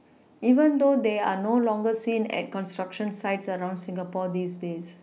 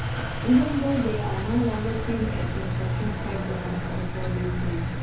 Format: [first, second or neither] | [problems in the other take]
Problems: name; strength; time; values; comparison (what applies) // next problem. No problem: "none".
first | background sound (Engine); as loud as the speech // room echo; dies away in 0.6 s